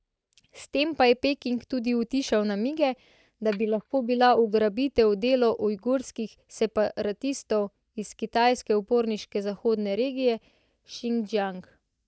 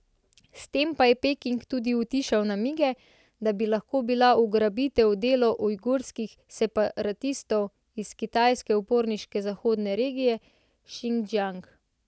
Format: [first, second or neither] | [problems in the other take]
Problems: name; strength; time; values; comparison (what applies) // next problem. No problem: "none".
second | noise reduction (neural mask model DeepFilterNet 3)